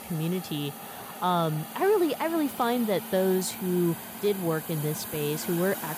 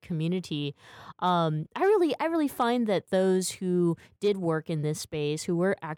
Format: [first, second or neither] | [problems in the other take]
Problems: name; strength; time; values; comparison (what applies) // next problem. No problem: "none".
second | hiss; loud; throughout; 10 dB below the speech